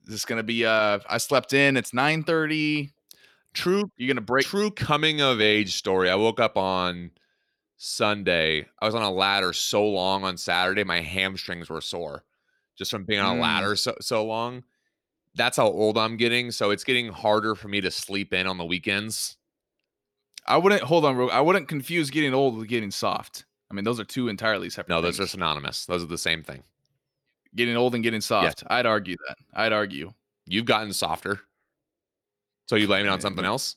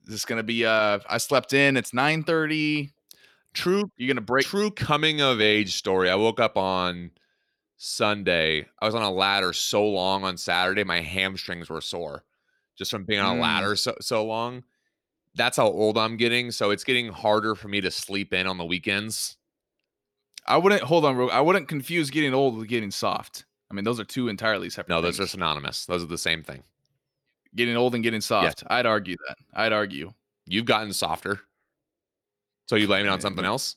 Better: neither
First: none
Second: none

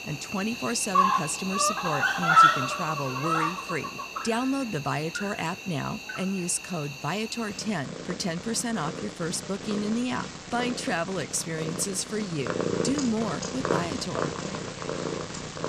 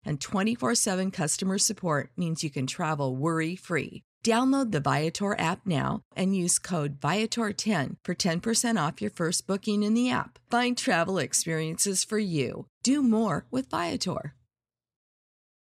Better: second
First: animal sounds; very loud; throughout; 1 dB above the speech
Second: none

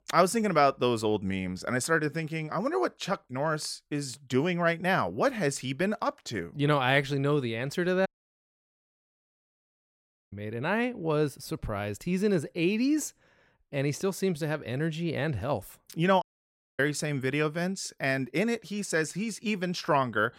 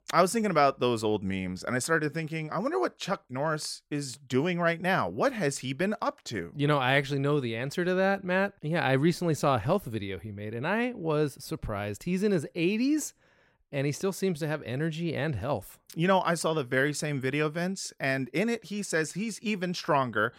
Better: second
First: audio cutting out; at 8 s for 2.5 s and at 16 s for 0.5 s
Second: none

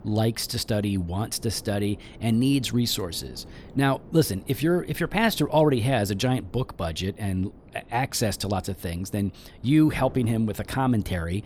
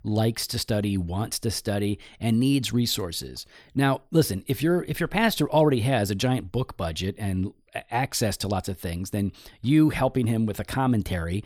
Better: second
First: wind noise on the microphone; occasional gusts; 25 dB below the speech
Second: none

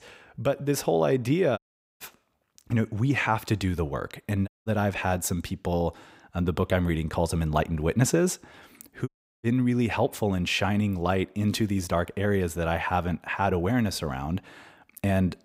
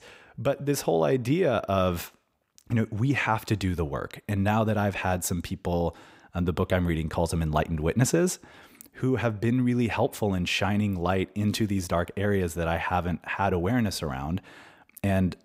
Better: second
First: audio cutting out; at 1.5 s, at 4.5 s and at 9 s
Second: none

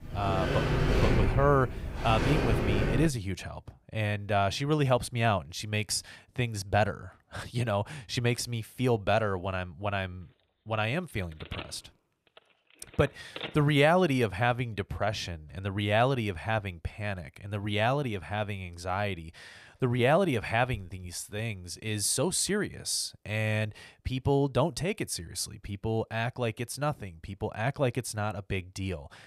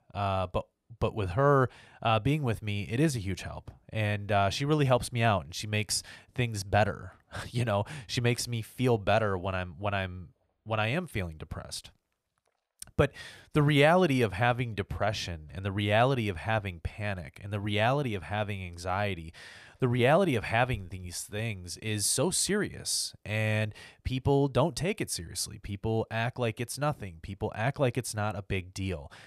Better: second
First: door banging; loud; until 3 s; peak 3 dB above the speech // phone ringing; noticeable; from 11 to 14 s; peak 10 dB below the speech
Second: none

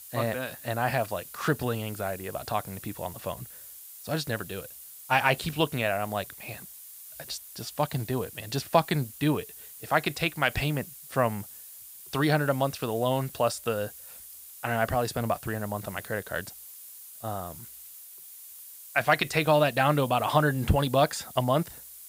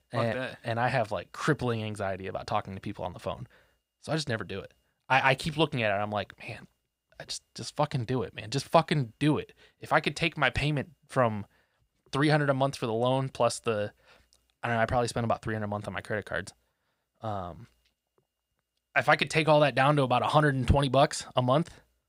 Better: second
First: hiss; noticeable; throughout; 15 dB below the speech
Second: none

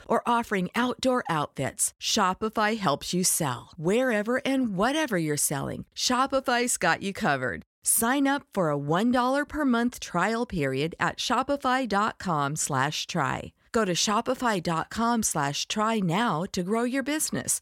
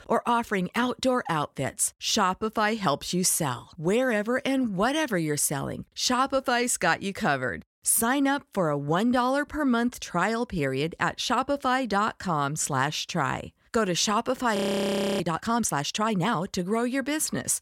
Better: first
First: none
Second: audio freezing; at 15 s for 0.5 s

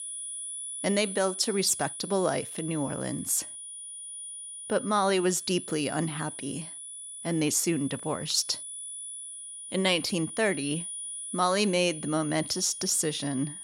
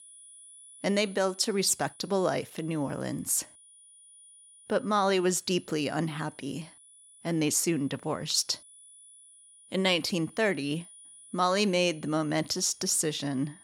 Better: second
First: high-pitched whine; loud; throughout; 10 kHz, 9 dB below the speech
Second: high-pitched whine; faint; throughout; 10 kHz, 25 dB below the speech

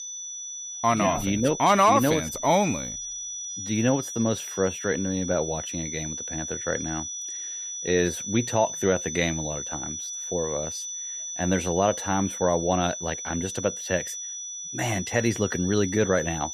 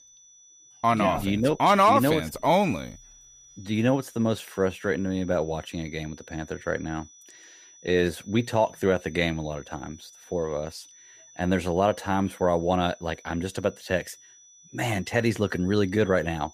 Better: second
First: high-pitched whine; loud; throughout; 6 kHz, 6 dB below the speech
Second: high-pitched whine; faint; throughout; 6 kHz, 25 dB below the speech

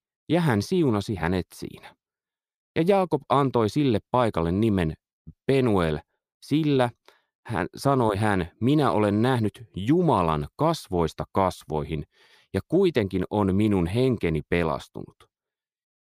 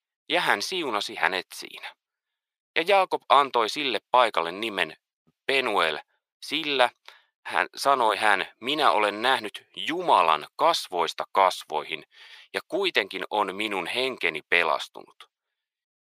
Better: first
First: none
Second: thin; very; fading below 750 Hz

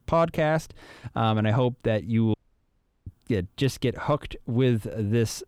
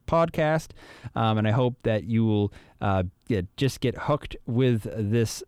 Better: second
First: audio cutting out; at 2.5 s for 0.5 s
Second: none

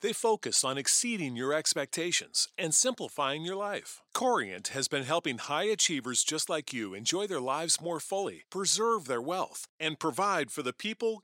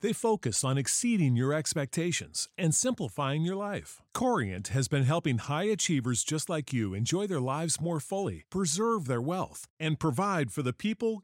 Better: second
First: thin; somewhat; fading below 400 Hz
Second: none

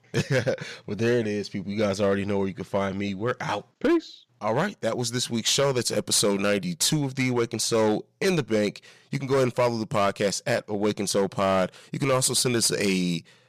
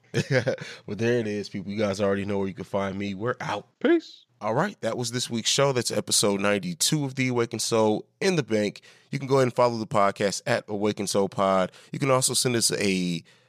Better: second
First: distortion; slight; 5% of the sound clipped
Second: none

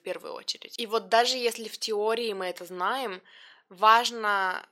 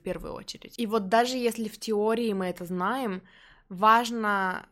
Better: second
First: thin; somewhat; fading below 450 Hz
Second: none

